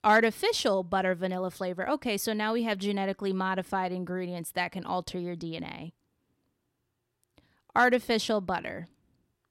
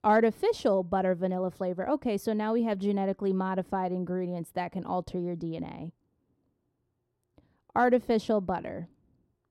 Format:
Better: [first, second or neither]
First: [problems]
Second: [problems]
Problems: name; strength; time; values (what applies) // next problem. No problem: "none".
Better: first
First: none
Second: muffled; slightly; fading above 1 kHz